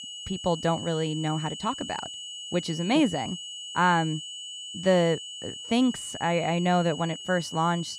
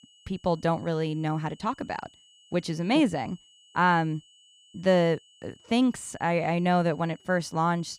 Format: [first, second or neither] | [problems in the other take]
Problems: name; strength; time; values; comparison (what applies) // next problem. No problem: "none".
second | high-pitched whine; loud; throughout; 3 kHz, 10 dB below the speech; faint in the second